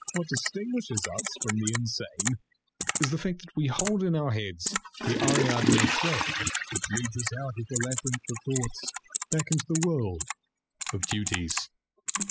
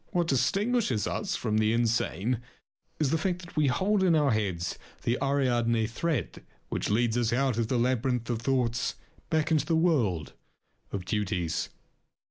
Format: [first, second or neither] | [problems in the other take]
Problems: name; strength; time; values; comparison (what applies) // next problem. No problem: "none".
second | noise reduction (classical method spectral subtraction)